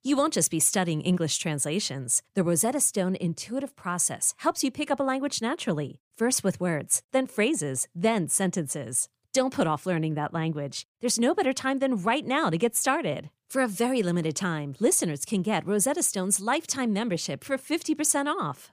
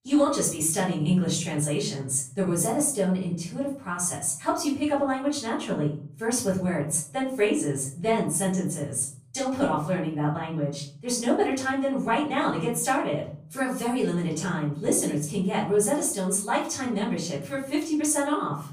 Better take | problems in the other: first | off-mic speech; far // room echo; slight; dies away in 0.5 s

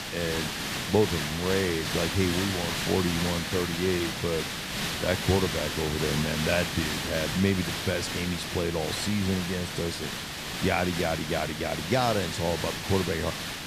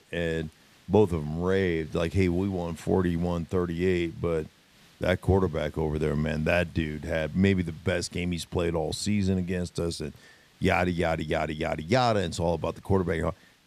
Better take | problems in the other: second | hiss; loud; throughout; 2 dB below the speech; faint in the second

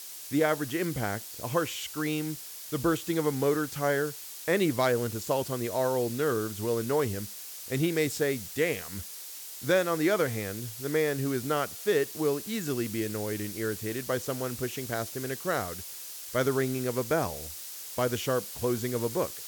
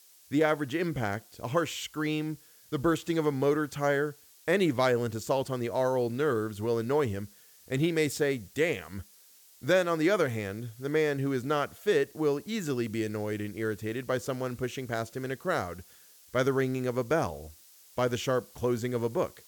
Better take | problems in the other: second | hiss; loud; throughout; 9 dB below the speech; faint in the second

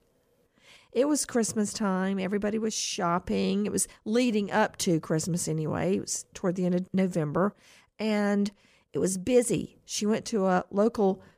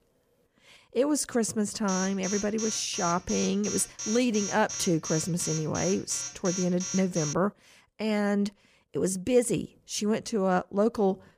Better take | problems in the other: first | alarm; noticeable; from 2 to 7.5 s; peak 5 dB below the speech

